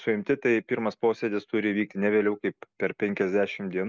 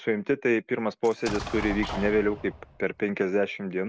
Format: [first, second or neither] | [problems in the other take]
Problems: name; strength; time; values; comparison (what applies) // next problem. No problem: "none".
first | background sound (Explosion); 10 dB below the speech